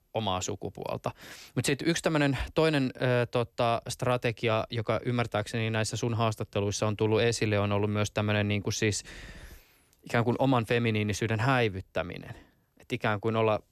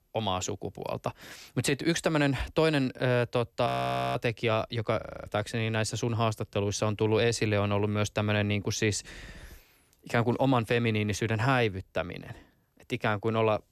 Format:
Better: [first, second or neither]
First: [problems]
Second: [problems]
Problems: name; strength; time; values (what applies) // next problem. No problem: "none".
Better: first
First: none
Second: audio freezing; at 3.5 s and at 5 s